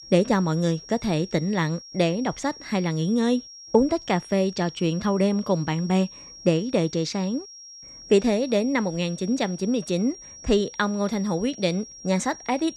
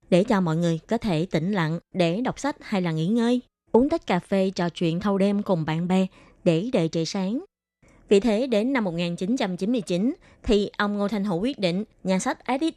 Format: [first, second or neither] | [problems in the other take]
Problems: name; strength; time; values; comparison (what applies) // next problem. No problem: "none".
second | high-pitched whine; noticeable; throughout; 5.5 kHz, 15 dB below the speech